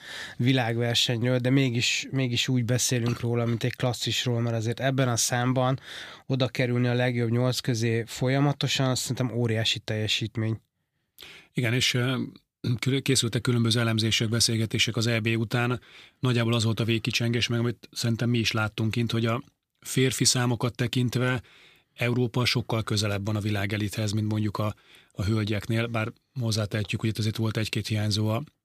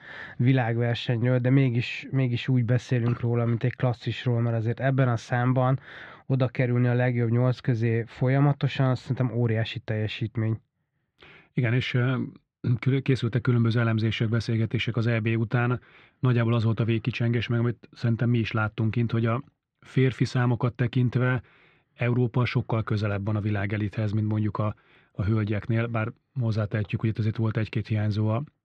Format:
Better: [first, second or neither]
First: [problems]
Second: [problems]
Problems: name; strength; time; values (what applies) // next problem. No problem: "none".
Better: first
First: none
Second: muffled; very; fading above 1.5 kHz